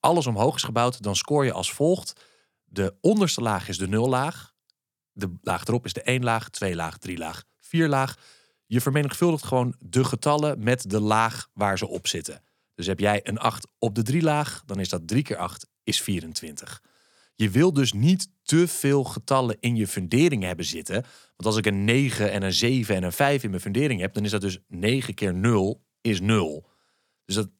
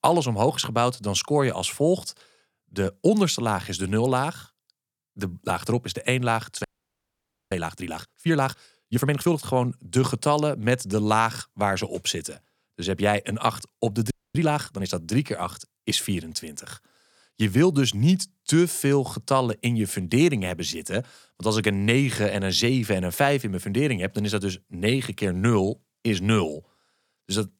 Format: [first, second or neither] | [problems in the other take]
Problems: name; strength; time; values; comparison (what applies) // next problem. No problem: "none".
first | audio freezing; at 6.5 s for 1 s and at 14 s